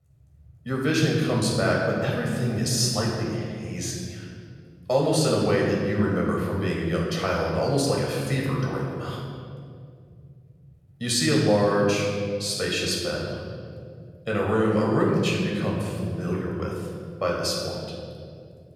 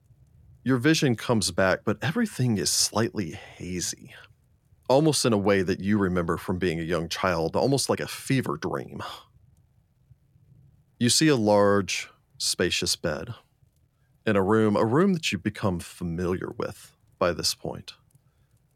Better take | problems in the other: second | off-mic speech; far // room echo; noticeable; dies away in 2.3 s

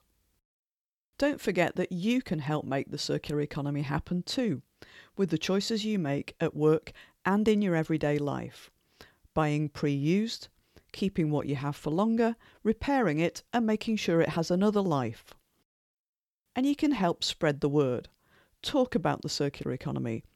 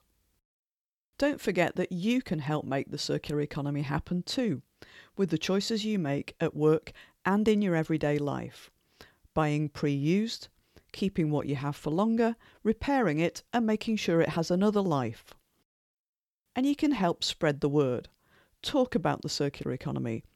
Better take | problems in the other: neither | none

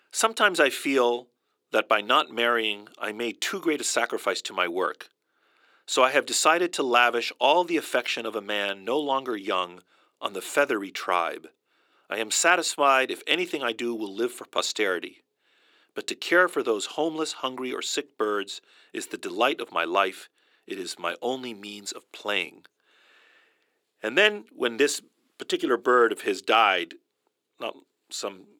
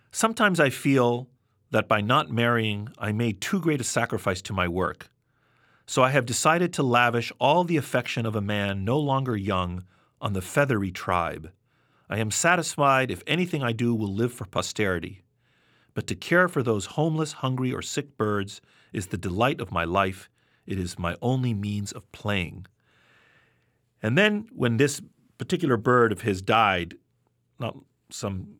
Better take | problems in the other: second | thin; somewhat; fading below 350 Hz

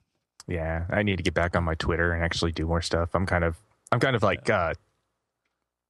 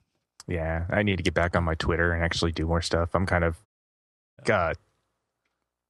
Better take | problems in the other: first | audio cutting out; at 3.5 s for 0.5 s

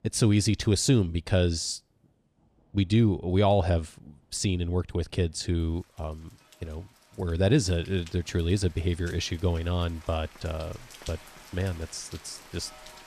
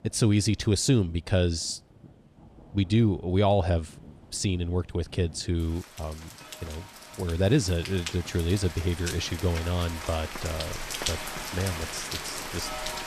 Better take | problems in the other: first | rain or running water; loud; throughout; 8 dB below the speech; faint in the first

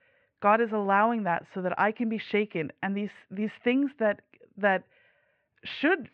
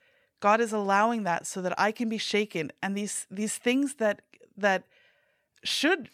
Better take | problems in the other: second | muffled; very; fading above 2.5 kHz

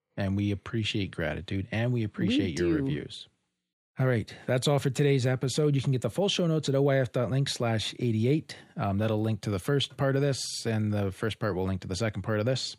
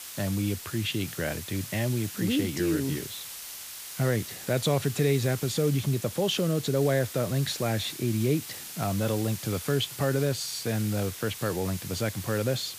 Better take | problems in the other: first | hiss; loud; throughout; 10 dB below the speech

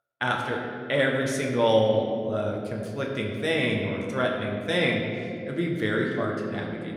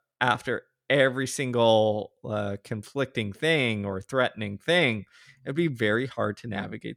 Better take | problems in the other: second | room echo; noticeable; dies away in 2.1 s // off-mic speech; somewhat distant

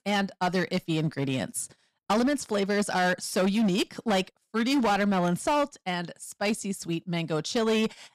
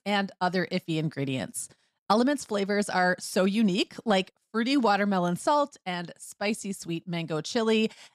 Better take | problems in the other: second | distortion; slight; 11% of the sound clipped

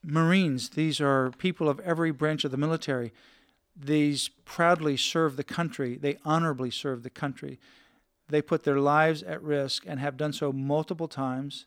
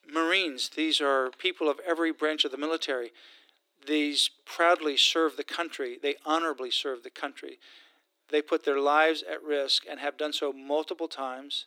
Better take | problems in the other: first | thin; somewhat; fading below 300 Hz

